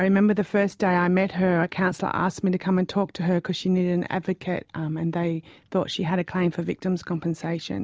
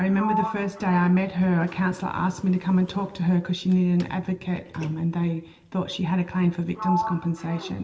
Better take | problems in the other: first | background sound (Sliding door); 12 dB below the speech // room echo; dies away in 0.8 s

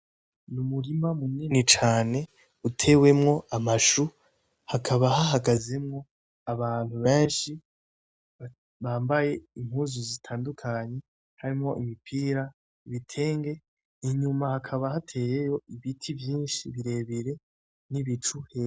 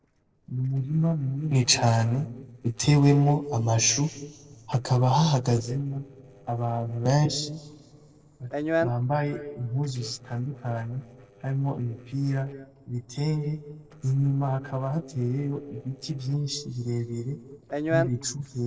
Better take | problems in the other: first | noise reduction (neural separator model SepFormer DNS4)

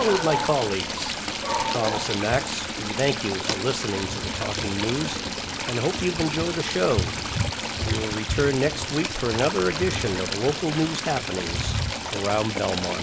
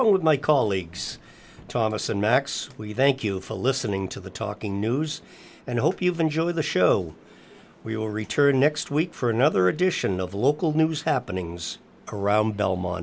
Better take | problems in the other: second | background sound (Stream / Trickle, dribble + Dog); 2 dB below the speech

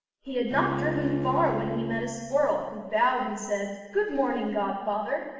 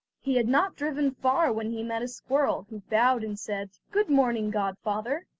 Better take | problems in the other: second | background sound (Bowed string instrument); 6 dB below the speech // room echo; dies away in 1.2 s

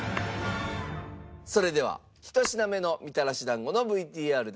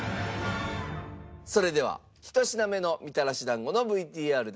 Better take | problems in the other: second | background sound (Tap / Hammer); 18 dB below the speech

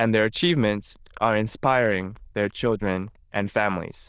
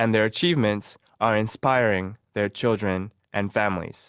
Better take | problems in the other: second | noise reduction (neural diffusion model UNIVERSE++)

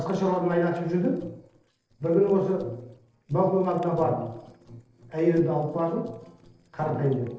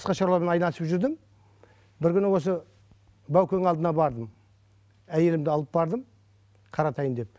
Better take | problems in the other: second | noise reduction (neural separator model SepFormer DNS4)

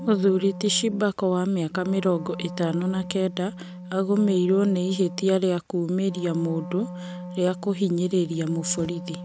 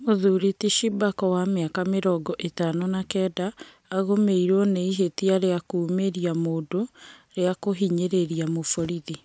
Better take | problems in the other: second | background sound (Wind instrument, woodwind instrument); 12 dB below the speech

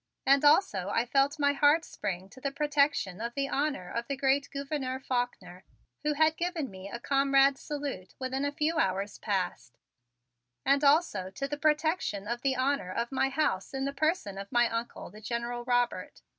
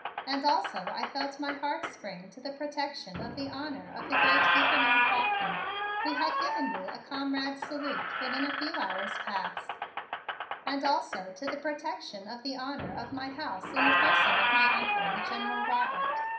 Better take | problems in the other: first | background sound (Squeak); 4 dB above the speech // room echo; dies away in 0.5 s

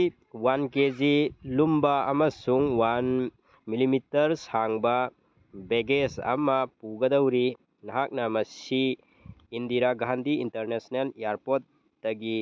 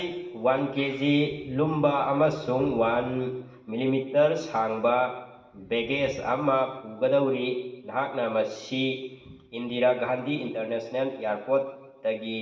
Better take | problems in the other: first | room echo; dies away in 1 s

